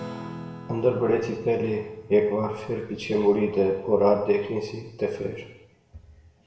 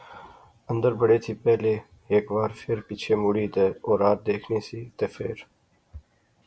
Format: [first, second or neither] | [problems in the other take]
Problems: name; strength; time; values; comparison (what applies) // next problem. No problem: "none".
second | background sound (Acoustic guitar / Strum); 19 dB below the speech // room echo; dies away in 0.8 s